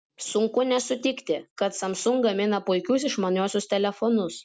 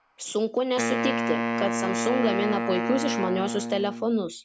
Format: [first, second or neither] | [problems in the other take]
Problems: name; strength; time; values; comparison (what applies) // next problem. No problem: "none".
first | background sound (Wind instrument, woodwind instrument); 2 dB below the speech